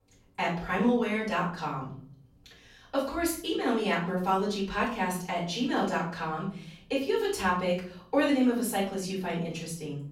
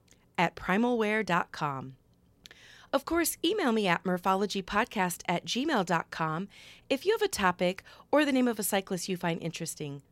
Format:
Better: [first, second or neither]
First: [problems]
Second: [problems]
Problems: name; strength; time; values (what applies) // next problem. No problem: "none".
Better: second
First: off-mic speech; far // room echo; noticeable; dies away in 0.6 s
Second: none